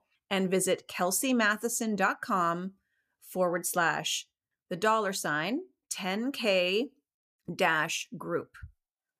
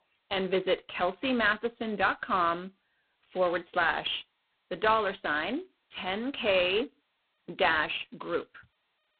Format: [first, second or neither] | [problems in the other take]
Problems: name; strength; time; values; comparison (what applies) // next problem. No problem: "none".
first | phone-call audio; poor line; nothing above 4 kHz